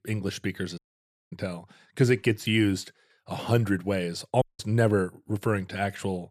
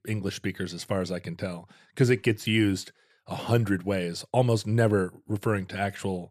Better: second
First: audio cutting out; at 1 s for 0.5 s and at 4.5 s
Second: none

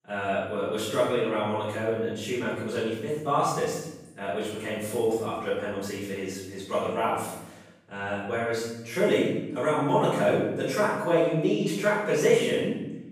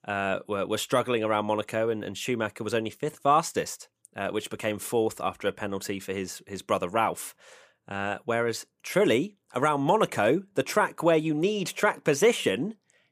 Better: second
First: off-mic speech; far // room echo; strong; dies away in 1 s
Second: none

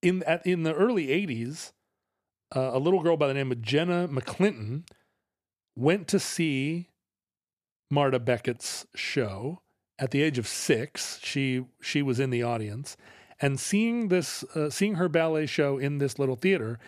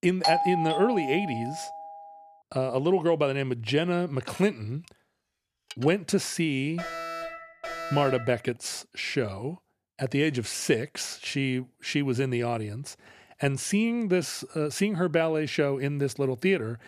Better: first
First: none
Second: doorbell; loud; until 2 s; peak 3 dB above the speech // clattering dishes; faint; from 4.5 to 6 s; peak 15 dB below the speech // alarm; noticeable; from 7 to 8.5 s; peak 6 dB below the speech

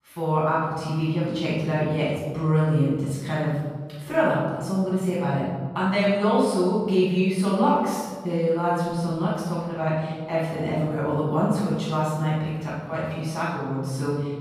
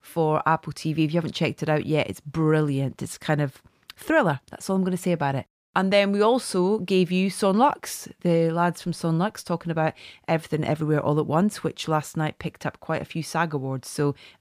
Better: second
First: off-mic speech; far // room echo; strong; dies away in 1.4 s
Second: none

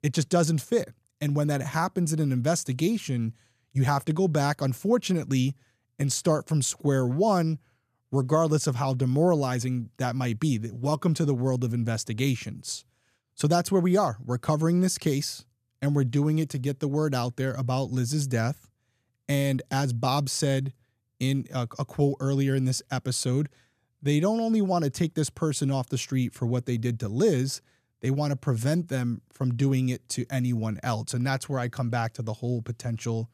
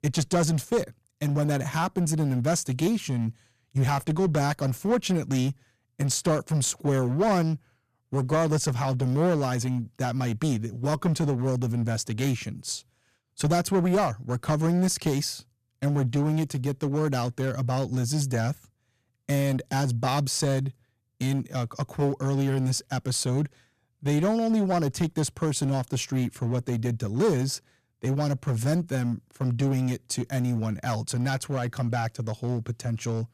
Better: first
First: none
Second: distortion; slight; 8% of the sound clipped

